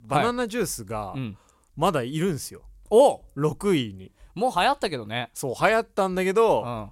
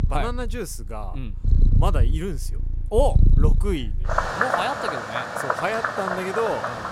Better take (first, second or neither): first